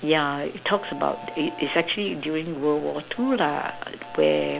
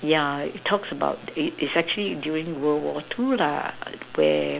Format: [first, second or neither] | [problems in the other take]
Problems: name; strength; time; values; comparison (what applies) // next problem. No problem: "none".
second | background sound (Train); 18 dB below the speech